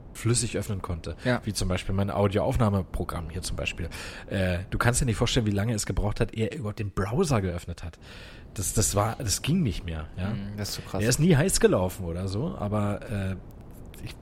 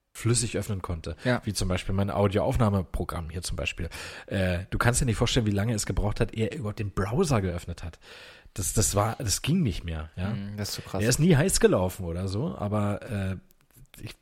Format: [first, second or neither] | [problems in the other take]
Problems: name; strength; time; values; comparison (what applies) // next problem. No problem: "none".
second | wind noise on the microphone; occasional gusts; until 5.5 s and from 8 s on; 25 dB below the speech